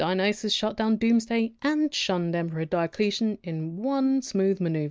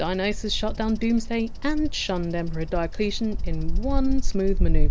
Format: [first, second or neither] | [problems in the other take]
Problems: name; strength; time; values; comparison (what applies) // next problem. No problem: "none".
first | background sound (Bird vocalization, bird call, bird song); 4 dB above the speech